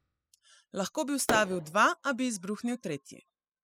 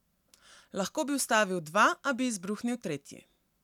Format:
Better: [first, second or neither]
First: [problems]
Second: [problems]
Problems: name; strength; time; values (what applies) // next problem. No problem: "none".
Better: second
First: noise reduction (classical method spectral subtraction)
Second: none